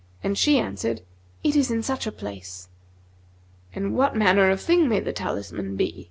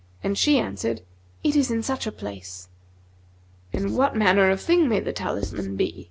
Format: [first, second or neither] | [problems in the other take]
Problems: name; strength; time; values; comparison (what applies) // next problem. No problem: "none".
first | background sound (Writing); 8 dB below the speech